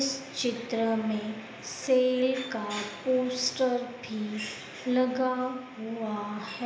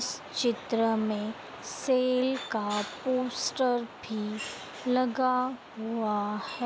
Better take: second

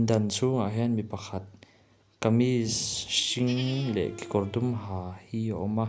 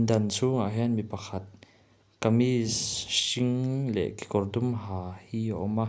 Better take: second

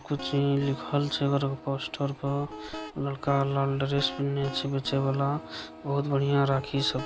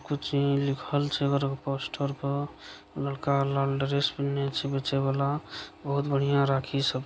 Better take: second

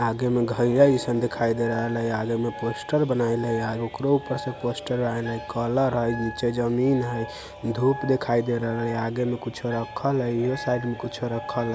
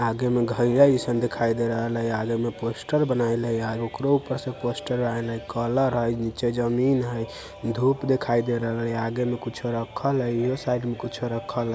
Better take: second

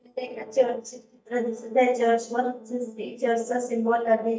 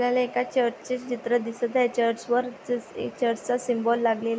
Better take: second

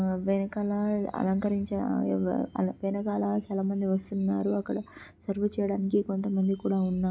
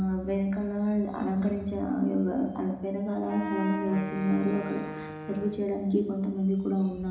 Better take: first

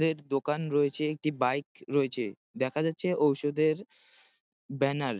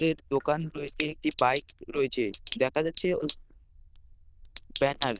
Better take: first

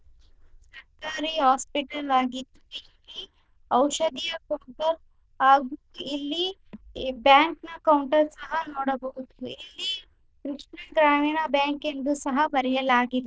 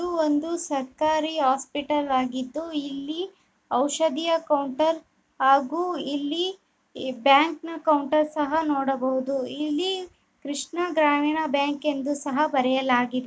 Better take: second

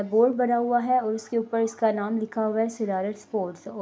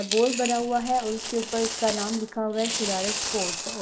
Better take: first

